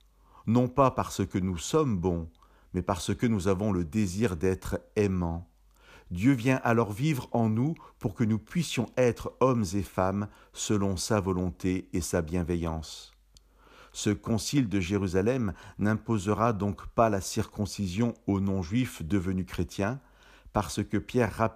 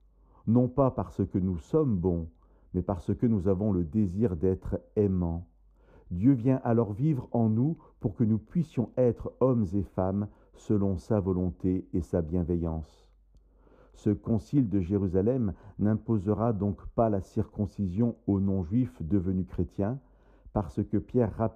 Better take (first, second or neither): first